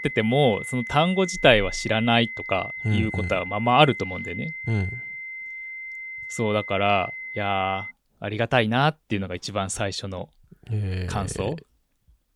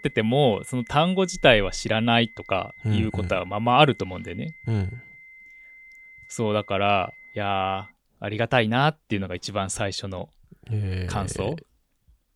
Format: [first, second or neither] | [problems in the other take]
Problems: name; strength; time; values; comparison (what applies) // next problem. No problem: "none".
second | high-pitched whine; loud; until 8 s; 2 kHz, 9 dB below the speech; faint in the second